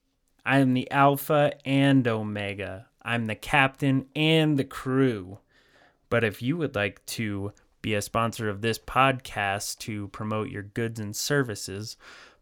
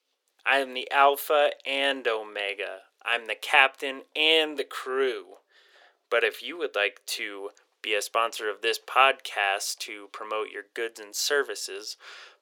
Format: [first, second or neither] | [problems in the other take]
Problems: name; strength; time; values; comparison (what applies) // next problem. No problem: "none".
first | thin; very; fading below 400 Hz